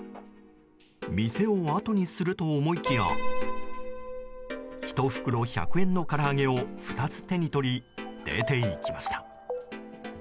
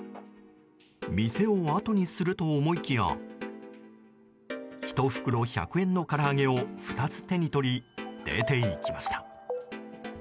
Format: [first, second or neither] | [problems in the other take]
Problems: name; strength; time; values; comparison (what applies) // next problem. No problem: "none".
second | background sound (Piano); 3 dB below the speech